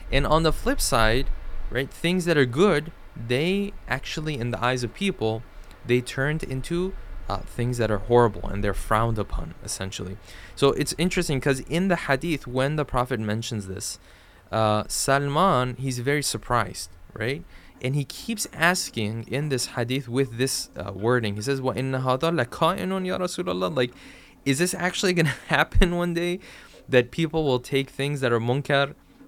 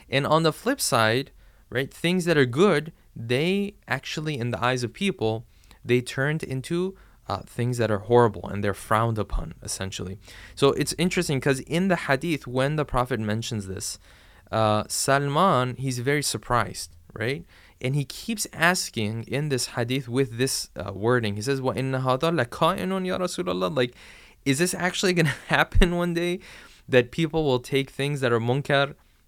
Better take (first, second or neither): second